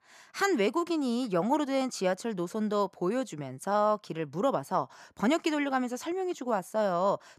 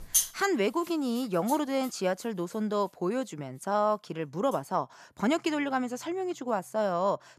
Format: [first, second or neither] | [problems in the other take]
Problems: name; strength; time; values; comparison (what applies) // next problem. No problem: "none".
first | background music; loud; throughout; 2 dB below the speech